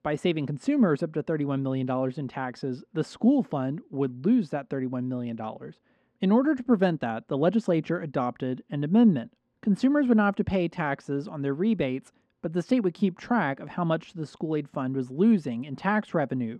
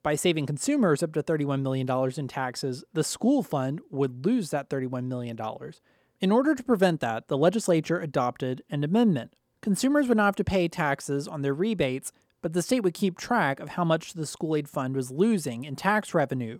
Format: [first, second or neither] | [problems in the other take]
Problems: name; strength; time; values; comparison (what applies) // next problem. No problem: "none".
second | muffled; slightly; fading above 3.5 kHz